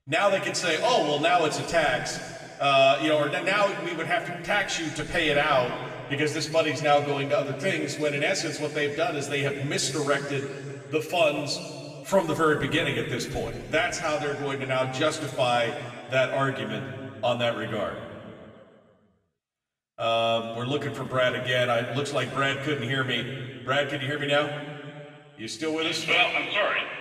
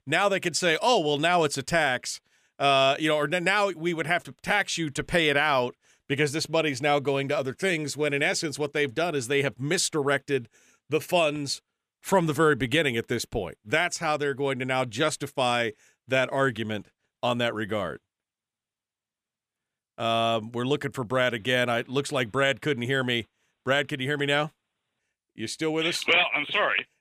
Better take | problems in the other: second | room echo; noticeable; dies away in 2.1 s // off-mic speech; far

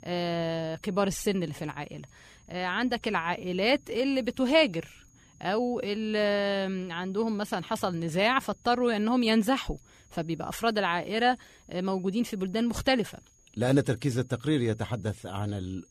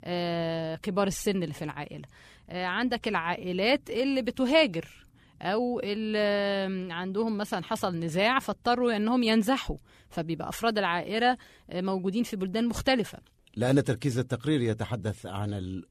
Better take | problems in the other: second | high-pitched whine; faint; throughout; 6.5 kHz, 30 dB below the speech

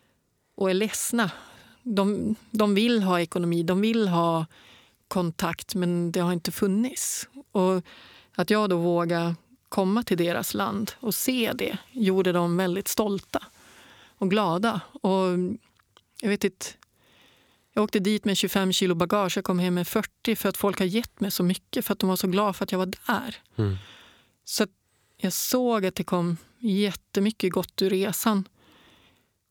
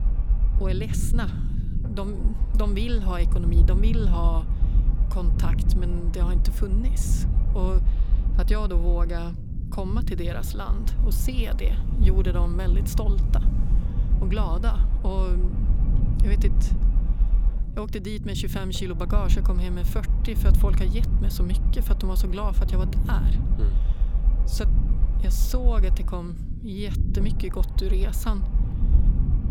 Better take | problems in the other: first | low rumble; loud; throughout; 7 dB below the speech

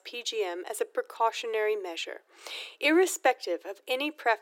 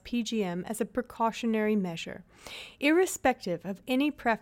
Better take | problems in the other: second | thin; very; fading below 300 Hz

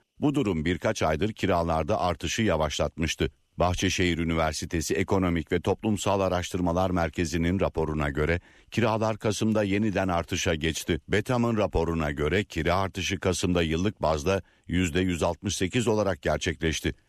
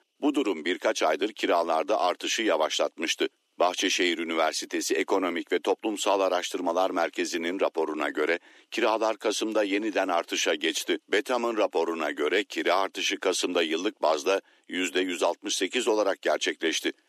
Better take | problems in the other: first | thin; somewhat; fading below 300 Hz

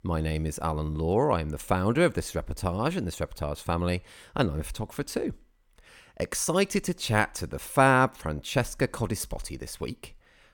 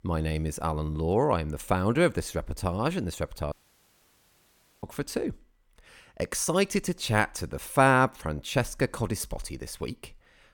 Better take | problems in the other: first | audio cutting out; at 3.5 s for 1.5 s

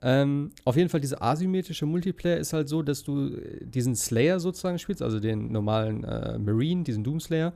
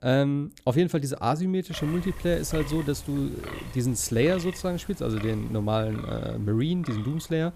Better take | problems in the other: first | wind noise on the microphone; occasional gusts; from 1.5 s on; 10 dB below the speech

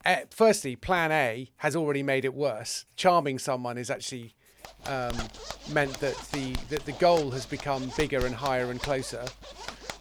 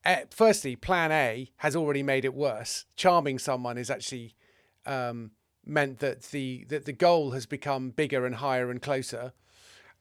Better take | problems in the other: second | household noises; noticeable; throughout; 10 dB below the speech

